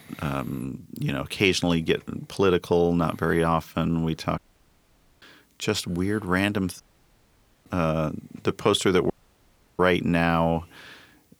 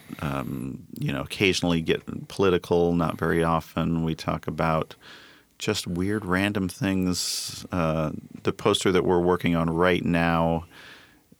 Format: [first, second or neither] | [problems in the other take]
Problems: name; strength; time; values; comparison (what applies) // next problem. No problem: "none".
second | audio cutting out; at 4.5 s for 1 s, at 7 s for 1 s and at 9 s for 0.5 s